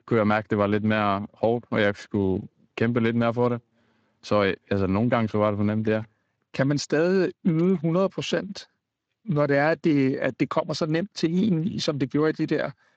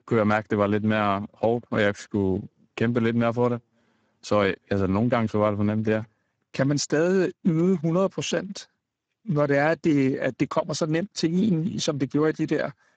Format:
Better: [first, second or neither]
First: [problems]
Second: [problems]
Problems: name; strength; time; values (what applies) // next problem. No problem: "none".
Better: first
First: garbled, watery; slightly; nothing above 7.5 kHz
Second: garbled, watery; badly; nothing above 7.5 kHz